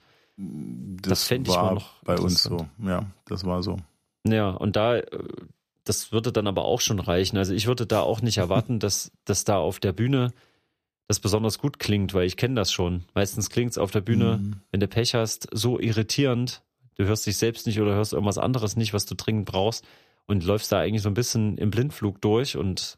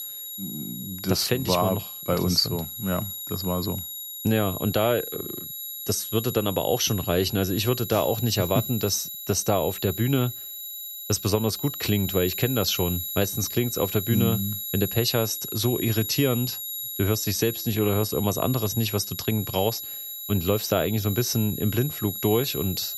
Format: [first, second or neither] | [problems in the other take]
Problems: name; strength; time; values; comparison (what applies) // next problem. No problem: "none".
first | high-pitched whine; loud; throughout; 11.5 kHz, 6 dB below the speech